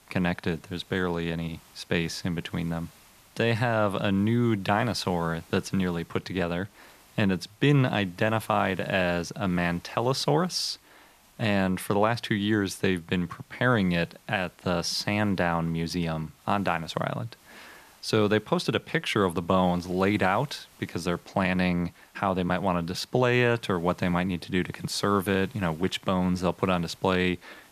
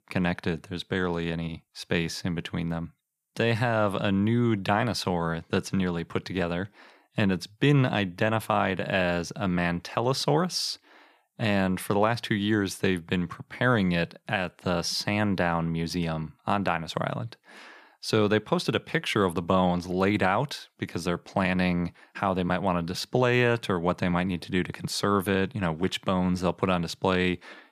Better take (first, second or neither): second